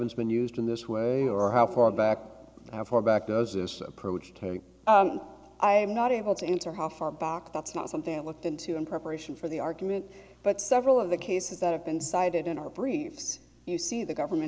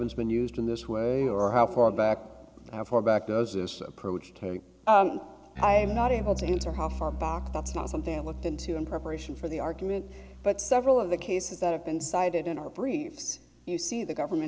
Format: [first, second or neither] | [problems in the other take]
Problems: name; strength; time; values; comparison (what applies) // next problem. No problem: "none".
first | background sound (Bass guitar); 12 dB below the speech